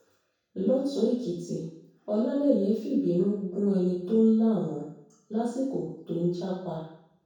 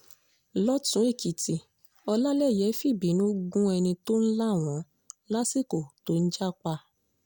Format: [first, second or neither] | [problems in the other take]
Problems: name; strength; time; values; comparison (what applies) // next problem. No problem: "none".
second | room echo; dies away in 0.7 s